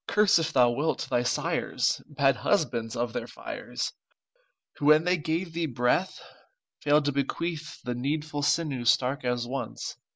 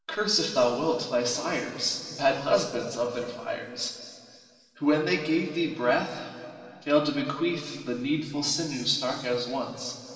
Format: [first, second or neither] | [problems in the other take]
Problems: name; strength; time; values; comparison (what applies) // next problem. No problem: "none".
first | room echo; dies away in 2.4 s